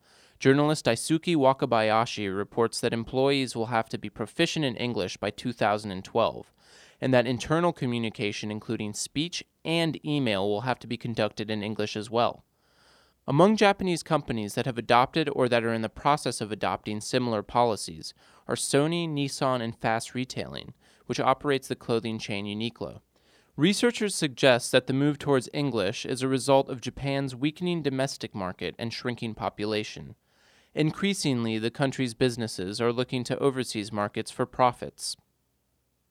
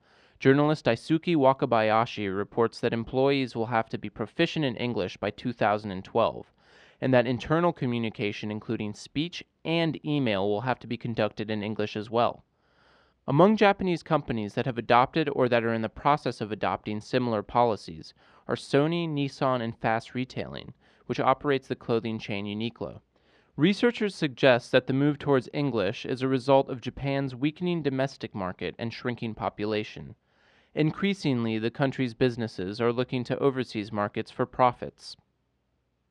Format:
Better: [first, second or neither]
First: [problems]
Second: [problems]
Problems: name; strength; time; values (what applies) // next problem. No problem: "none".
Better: first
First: none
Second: muffled; slightly; fading above 3 kHz